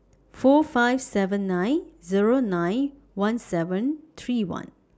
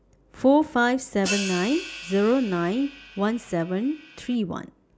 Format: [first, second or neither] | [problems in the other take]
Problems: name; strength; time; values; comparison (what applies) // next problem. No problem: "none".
first | background sound (Hi-hat); 12 dB below the speech